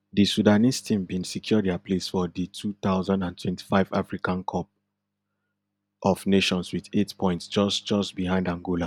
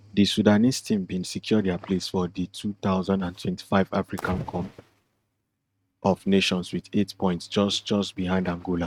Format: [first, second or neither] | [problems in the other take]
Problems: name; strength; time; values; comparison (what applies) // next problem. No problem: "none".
first | noise reduction (neural mask model RNNoise)